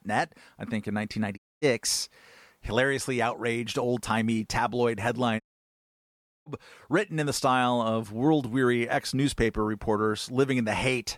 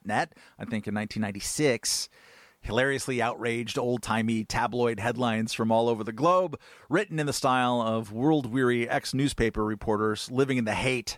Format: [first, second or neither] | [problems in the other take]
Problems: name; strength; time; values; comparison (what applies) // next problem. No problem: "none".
second | audio cutting out; at 1.5 s and at 5.5 s for 1 s